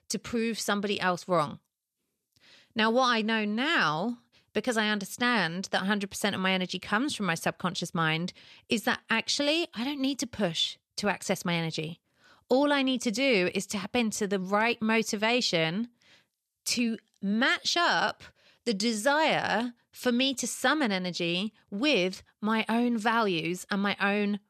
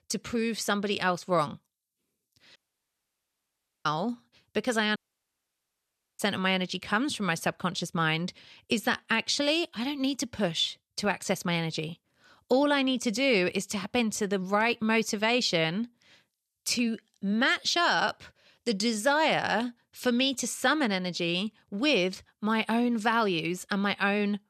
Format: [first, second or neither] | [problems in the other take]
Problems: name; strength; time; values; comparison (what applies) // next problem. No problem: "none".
first | audio cutting out; at 2.5 s for 1.5 s and at 5 s for 1 s